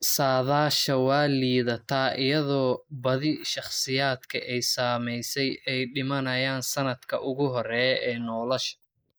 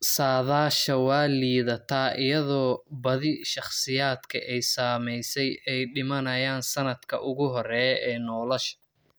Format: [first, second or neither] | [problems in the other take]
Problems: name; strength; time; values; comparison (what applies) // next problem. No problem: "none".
second | noise reduction (neural mask model Resemble Enhance denoiser)